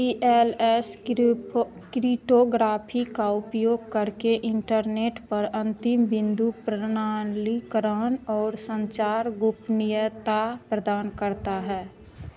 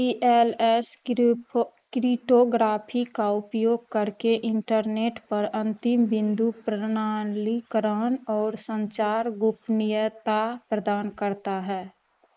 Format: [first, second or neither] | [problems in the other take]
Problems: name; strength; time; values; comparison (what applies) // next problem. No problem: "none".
first | noise reduction (neural mask model Resemble Enhance denoiser)